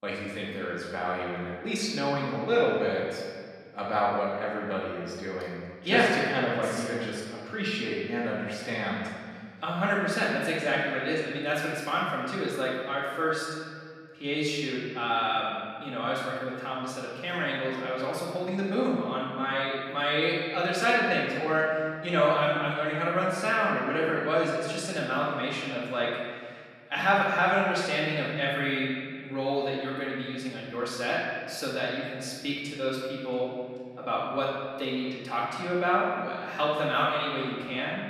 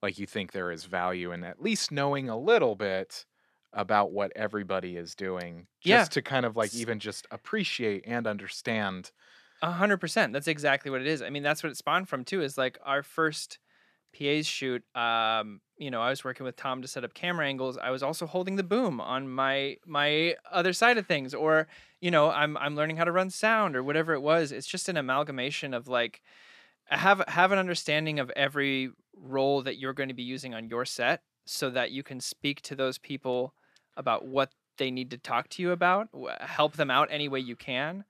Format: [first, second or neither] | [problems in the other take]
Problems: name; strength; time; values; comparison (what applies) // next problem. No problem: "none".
second | room echo; noticeable; dies away in 1.8 s // off-mic speech; far